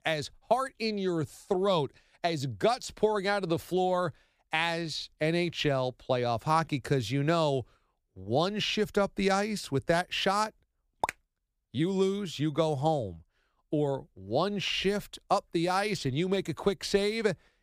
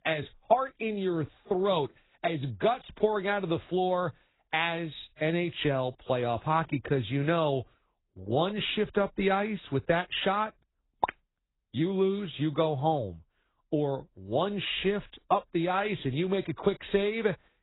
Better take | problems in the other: first | garbled, watery; badly; nothing above 4 kHz

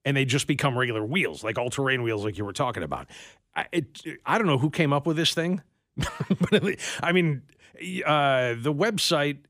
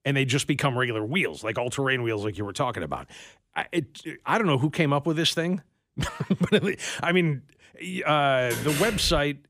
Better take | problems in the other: first | door banging; noticeable; at 8.5 s; peak 4 dB below the speech

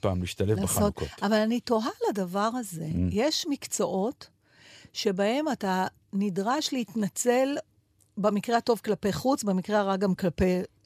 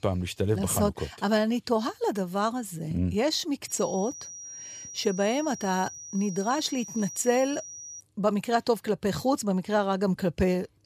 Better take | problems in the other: first | high-pitched whine; noticeable; from 3.5 to 8 s; 6 kHz, 10 dB below the speech

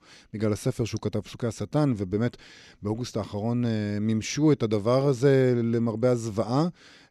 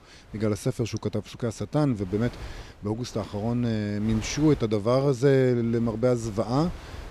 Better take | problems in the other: first | wind noise on the microphone; occasional gusts; 20 dB below the speech

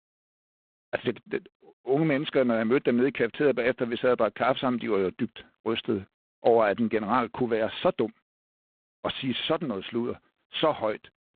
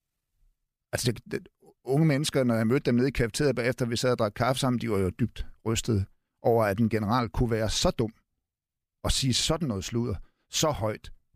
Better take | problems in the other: second | phone-call audio; poor line; nothing above 3.5 kHz

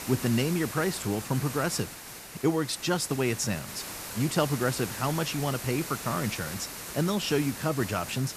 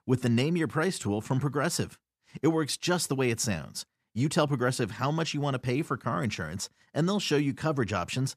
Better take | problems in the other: second | hiss; loud; throughout; 8 dB below the speech

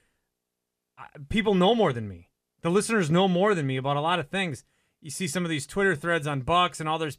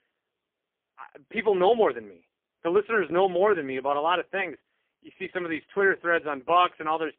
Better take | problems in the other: first | phone-call audio; poor line; nothing above 3.5 kHz

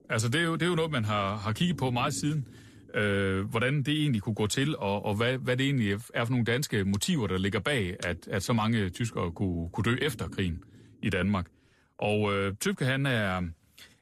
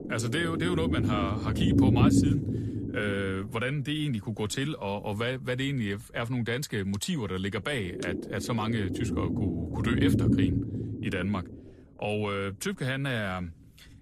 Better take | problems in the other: first | low rumble; loud; throughout; 2 dB below the speech; faint in the first

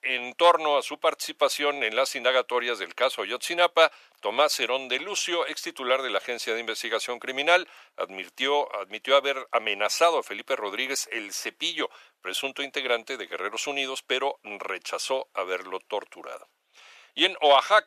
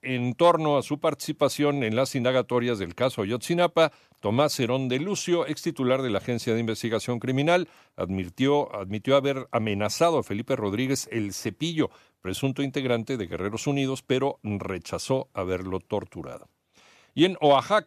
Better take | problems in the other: second | thin; very; fading below 500 Hz

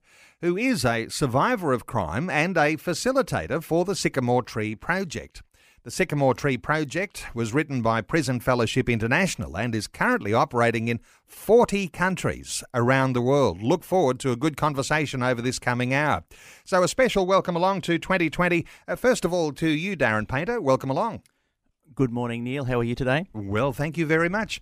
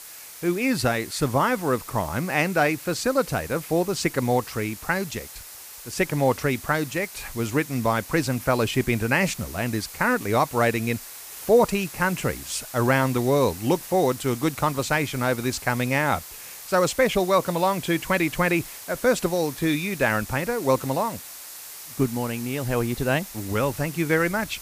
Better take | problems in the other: first | hiss; noticeable; throughout; 15 dB below the speech

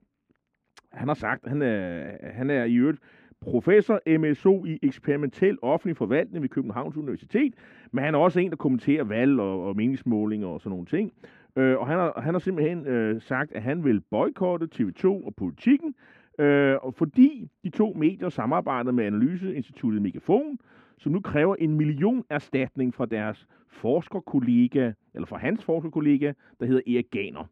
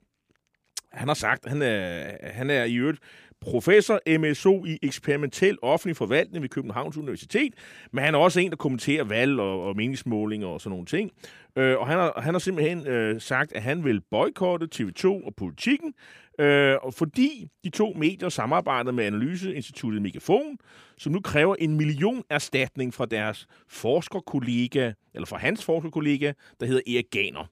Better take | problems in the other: second | muffled; very; fading above 4 kHz

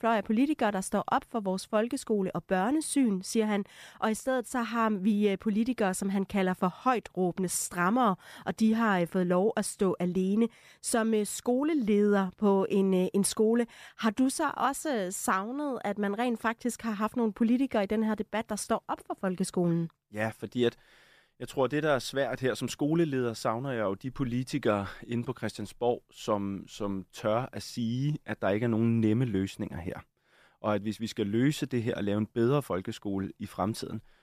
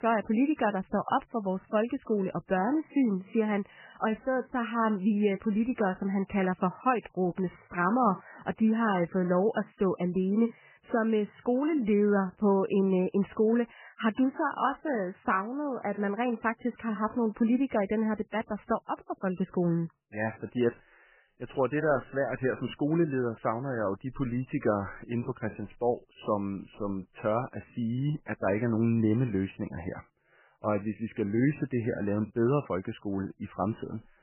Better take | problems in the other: first | garbled, watery; badly; nothing above 3 kHz

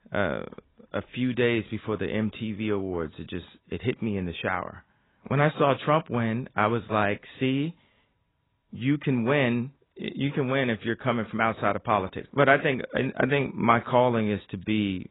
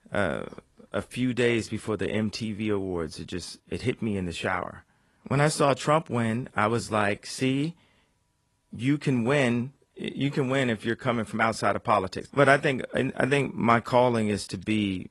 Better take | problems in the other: second | garbled, watery; badly; nothing above 4 kHz; slightly in the second

